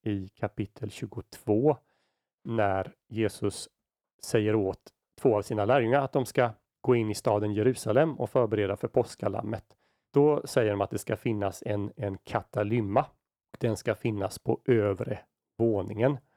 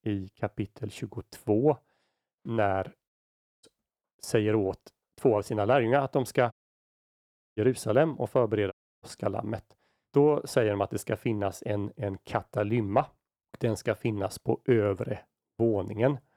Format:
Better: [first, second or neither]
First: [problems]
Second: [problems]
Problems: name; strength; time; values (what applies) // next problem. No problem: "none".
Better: first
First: none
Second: audio cutting out; at 3 s for 0.5 s, at 6.5 s for 1 s and at 8.5 s